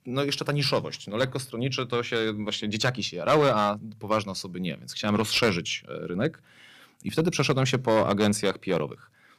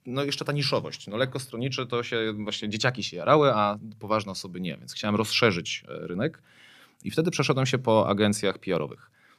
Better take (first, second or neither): second